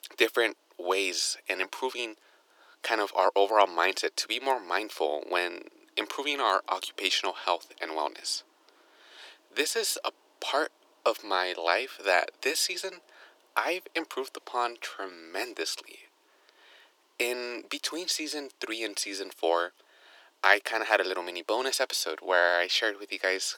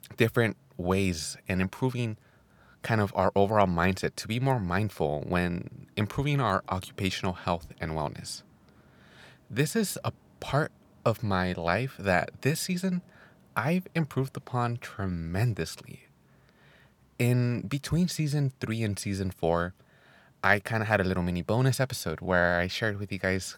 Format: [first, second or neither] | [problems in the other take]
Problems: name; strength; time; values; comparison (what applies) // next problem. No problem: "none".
second | thin; very; fading below 300 Hz